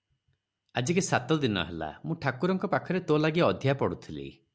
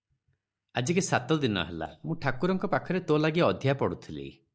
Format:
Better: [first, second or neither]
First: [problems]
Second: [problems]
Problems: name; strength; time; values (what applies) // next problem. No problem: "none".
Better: first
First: none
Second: noise reduction (neural mask model Resemble Enhance denoiser)